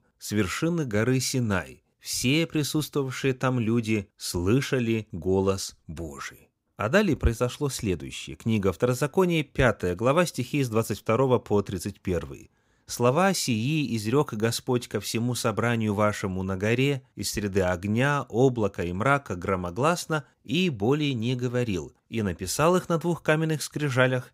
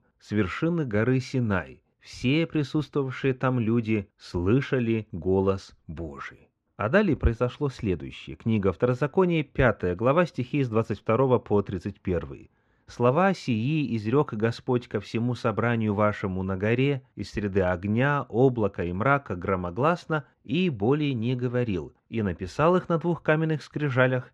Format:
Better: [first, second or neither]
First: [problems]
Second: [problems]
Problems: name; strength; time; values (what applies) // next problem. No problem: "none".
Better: first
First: none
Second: muffled; slightly; fading above 2.5 kHz